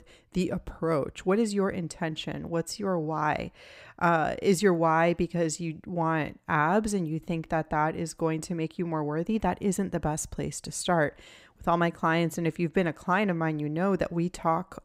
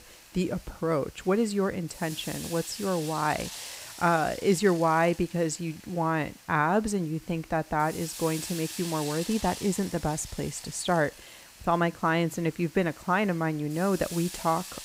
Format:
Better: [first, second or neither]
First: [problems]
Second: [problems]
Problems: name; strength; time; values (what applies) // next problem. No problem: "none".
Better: first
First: none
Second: hiss; noticeable; throughout; 15 dB below the speech